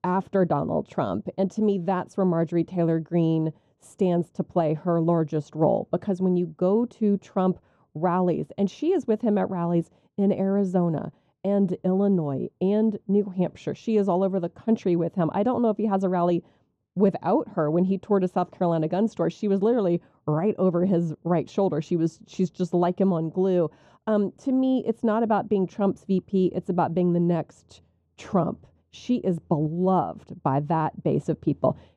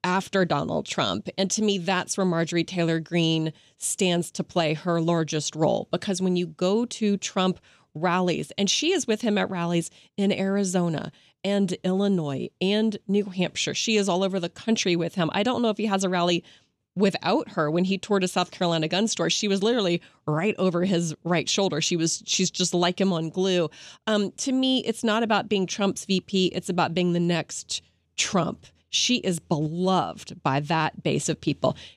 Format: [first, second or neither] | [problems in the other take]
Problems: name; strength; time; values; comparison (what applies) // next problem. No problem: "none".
second | muffled; very; fading above 1.5 kHz